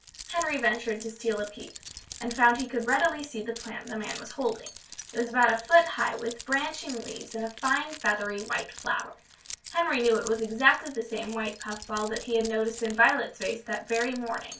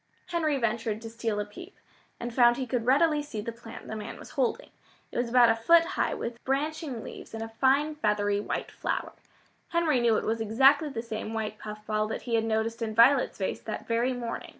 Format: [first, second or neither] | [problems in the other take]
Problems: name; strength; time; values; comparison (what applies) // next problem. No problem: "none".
second | background sound (Keys jangling); 16 dB below the speech // room echo; dies away in 0.2 s